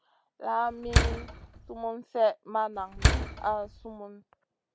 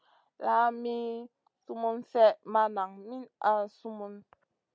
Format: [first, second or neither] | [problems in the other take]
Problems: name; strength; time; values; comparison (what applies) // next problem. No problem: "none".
second | background sound (Slam); 4 dB above the speech